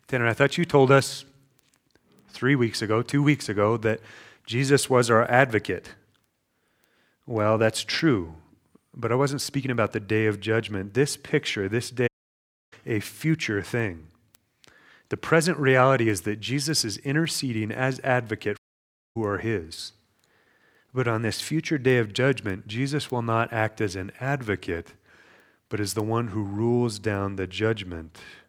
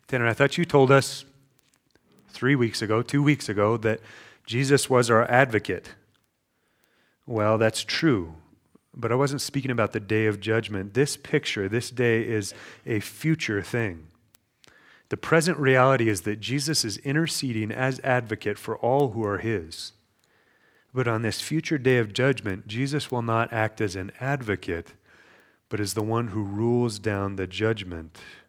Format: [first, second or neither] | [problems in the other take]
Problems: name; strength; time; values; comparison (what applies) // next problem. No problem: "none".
second | audio cutting out; at 12 s for 0.5 s and at 19 s for 0.5 s